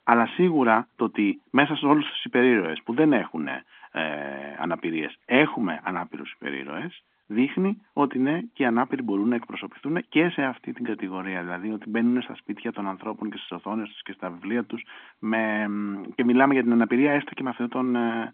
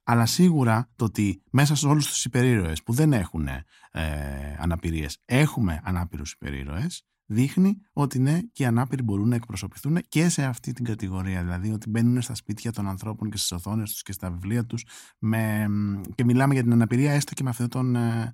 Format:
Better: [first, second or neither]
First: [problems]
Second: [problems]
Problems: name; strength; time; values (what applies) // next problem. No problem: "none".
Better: second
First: phone-call audio; nothing above 3.5 kHz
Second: none